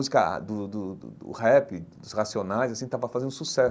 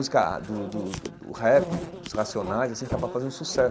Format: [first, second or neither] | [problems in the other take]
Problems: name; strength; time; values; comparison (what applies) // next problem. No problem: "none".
first | background sound (Insect); 10 dB below the speech